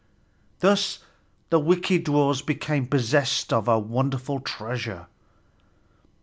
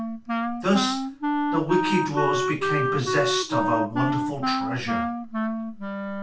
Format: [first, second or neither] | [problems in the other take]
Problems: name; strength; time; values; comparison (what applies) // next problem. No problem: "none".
first | background sound (Wind instrument, woodwind instrument); 1 dB above the speech // room echo; dies away in 0.3 s